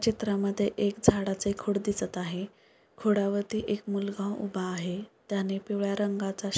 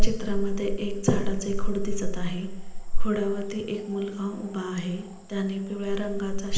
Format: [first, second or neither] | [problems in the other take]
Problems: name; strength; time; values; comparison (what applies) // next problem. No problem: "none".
first | background sound (Cricket / Frog); 5 dB above the speech // room echo; dies away in 0.9 s